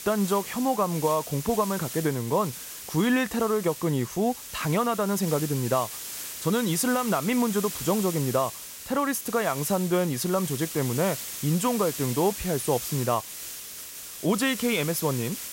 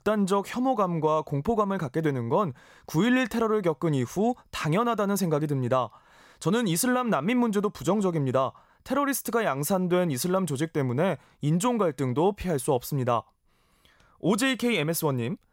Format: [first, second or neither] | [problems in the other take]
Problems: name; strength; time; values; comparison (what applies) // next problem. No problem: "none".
second | hiss; loud; throughout; 8 dB below the speech